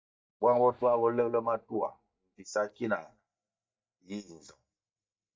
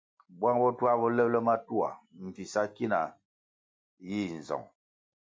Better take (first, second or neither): second